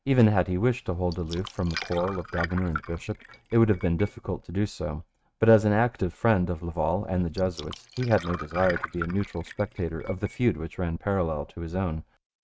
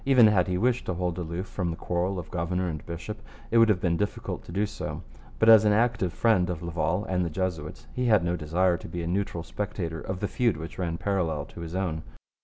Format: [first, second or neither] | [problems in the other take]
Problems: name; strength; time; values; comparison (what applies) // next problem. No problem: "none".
second | noise reduction (neural mask model RNNoise)